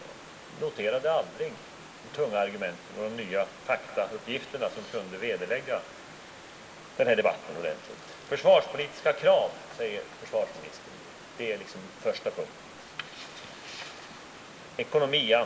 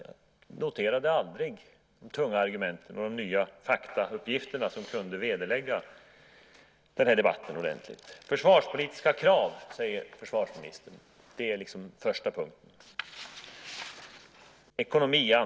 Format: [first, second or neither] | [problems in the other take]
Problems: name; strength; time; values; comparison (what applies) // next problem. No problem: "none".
second | background sound (Stream / Liquid); 17 dB below the speech // room echo; dies away in 0.4 s